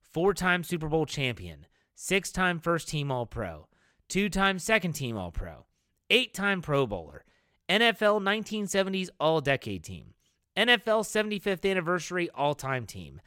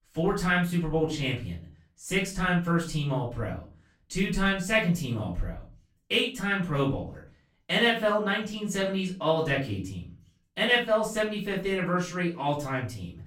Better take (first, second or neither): first